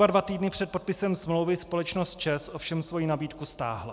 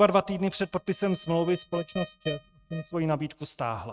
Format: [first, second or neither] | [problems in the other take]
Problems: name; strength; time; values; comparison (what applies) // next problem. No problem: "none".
first | noise reduction (neural mask model RNNoise)